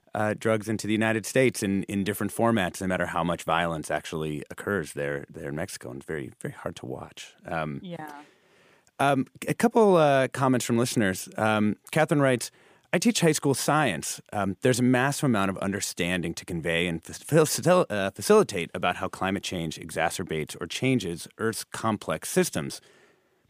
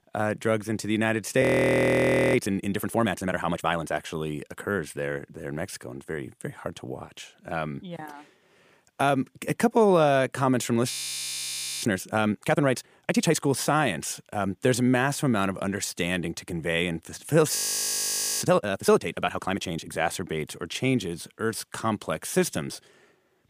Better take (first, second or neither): first